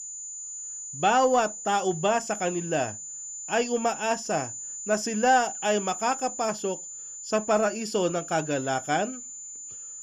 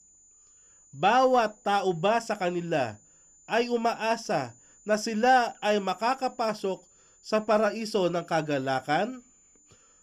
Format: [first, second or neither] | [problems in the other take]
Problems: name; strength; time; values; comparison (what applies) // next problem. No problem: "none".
second | high-pitched whine; loud; throughout; 7 kHz, 9 dB below the speech; faint in the second